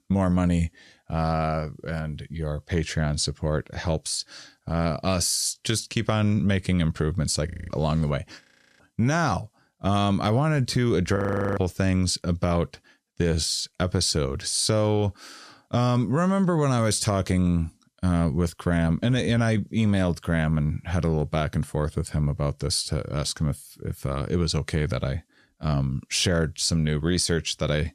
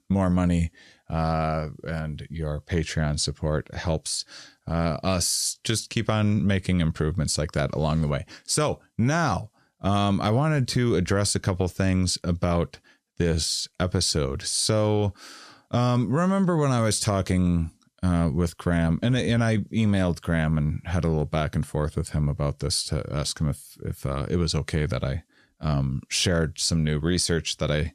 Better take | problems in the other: second | audio freezing; at 7.5 s, at 8.5 s and at 11 s

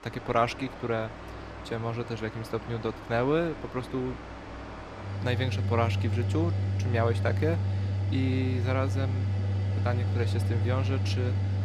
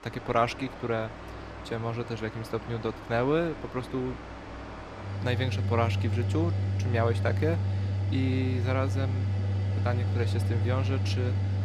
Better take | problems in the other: neither | machinery noise; very loud; throughout; 2 dB above the speech; the same in both

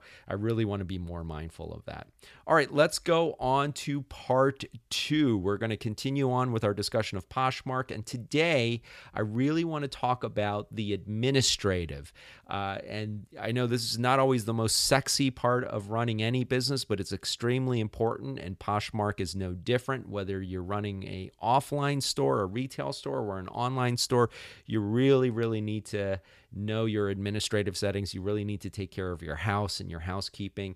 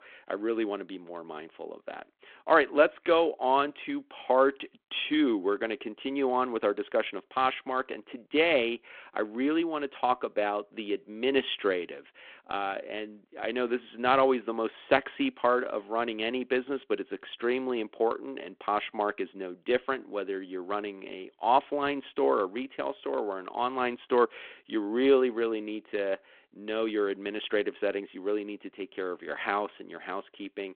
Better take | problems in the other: first | phone-call audio

